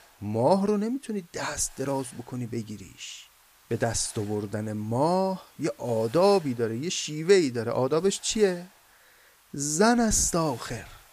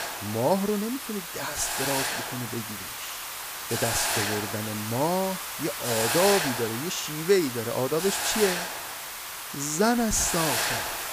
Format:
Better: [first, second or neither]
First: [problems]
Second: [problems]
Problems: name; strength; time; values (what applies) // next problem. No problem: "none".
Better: first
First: hiss; faint; throughout; 25 dB below the speech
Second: hiss; loud; throughout; 2 dB below the speech